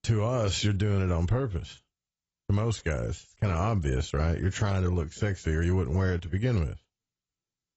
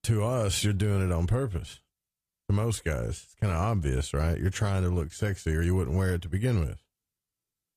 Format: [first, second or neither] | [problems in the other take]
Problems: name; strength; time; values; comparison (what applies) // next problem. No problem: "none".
second | garbled, watery; badly; nothing above 8 kHz; slightly in the second